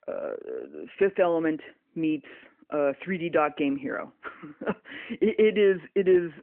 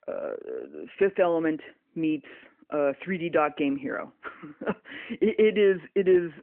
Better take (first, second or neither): neither